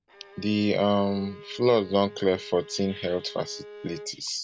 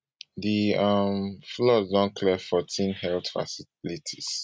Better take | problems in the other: second | background sound (Bowed string instrument); 19 dB below the speech

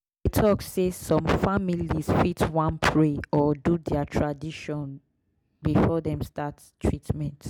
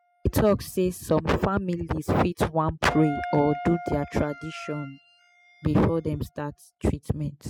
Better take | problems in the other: first | noise reduction (classical method spectral subtraction)

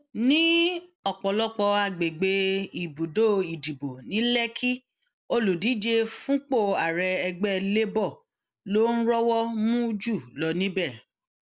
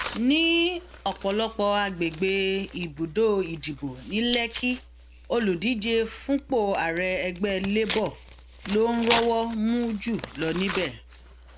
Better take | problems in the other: first | background sound (Tearing); 12 dB below the speech

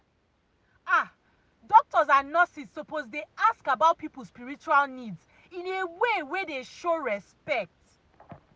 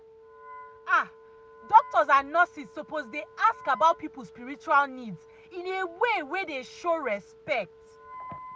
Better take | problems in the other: first | background sound (Wind instrument, woodwind instrument); 20 dB below the speech

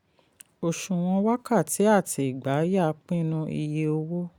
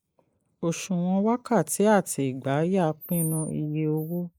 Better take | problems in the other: first | noise reduction (neural mask model Resemble Enhance denoiser)

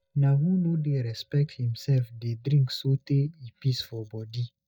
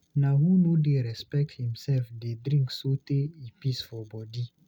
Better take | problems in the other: second | noise reduction (neural mask model DeepFilterNet 3)

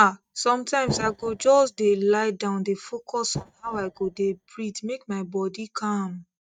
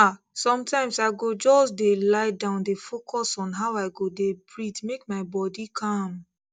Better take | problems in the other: second | noise reduction (neural mask model RNNoise)

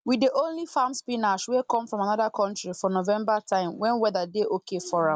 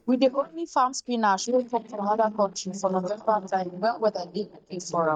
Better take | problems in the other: first | noise reduction (neural mask model DeepFilterNet 3)

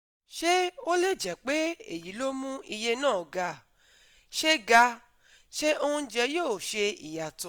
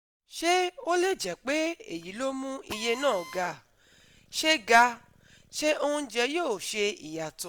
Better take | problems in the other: first | background sound (Drill); 19 dB below the speech

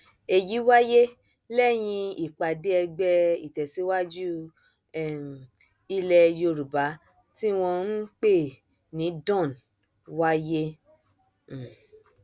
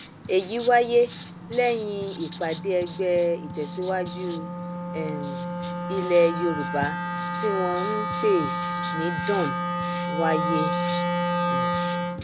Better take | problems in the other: first | background sound (Wind instrument, woodwind instrument + Writing); 2 dB below the speech

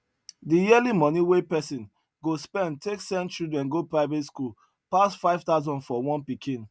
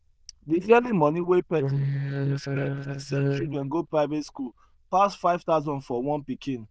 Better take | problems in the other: first | noise reduction (neural diffusion model UNIVERSE++)

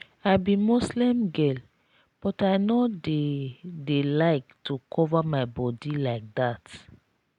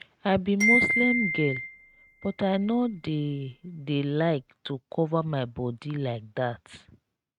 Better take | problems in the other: first | noise reduction (neural mask model RNNoise)

